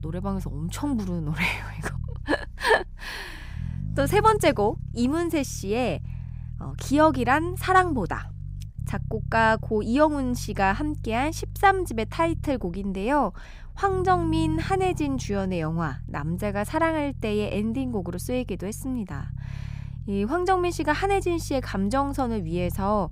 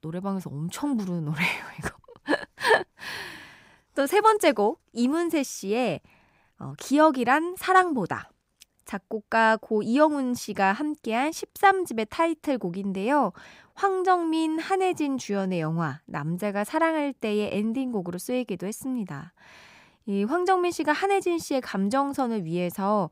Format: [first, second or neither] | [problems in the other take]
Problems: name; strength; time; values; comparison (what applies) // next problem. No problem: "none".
second | low rumble; faint; throughout; 25 dB below the speech